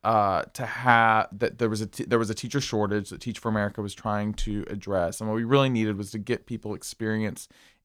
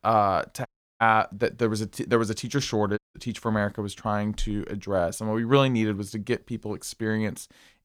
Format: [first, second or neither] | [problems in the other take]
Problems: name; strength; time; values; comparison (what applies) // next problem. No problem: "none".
first | audio cutting out; at 0.5 s and at 3 s